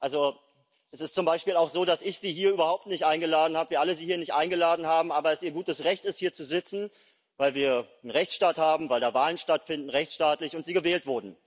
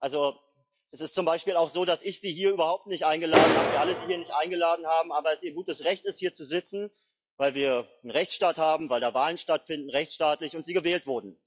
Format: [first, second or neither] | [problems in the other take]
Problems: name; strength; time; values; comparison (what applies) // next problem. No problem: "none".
first | noise reduction (classical method log-MMSE)